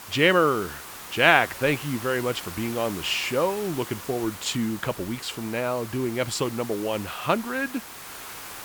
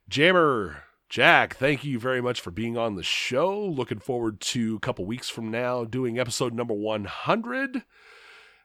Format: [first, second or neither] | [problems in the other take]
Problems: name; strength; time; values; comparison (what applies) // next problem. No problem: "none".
second | hiss; noticeable; throughout; 15 dB below the speech